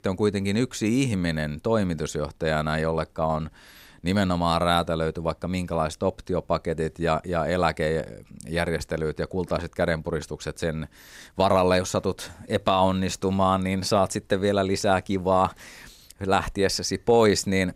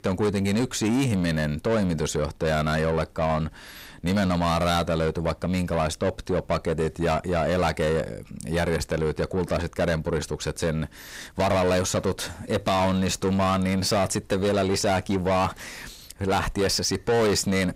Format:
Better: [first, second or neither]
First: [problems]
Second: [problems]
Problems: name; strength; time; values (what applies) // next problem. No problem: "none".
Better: first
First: none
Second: distortion; heavy; 8 dB below the speech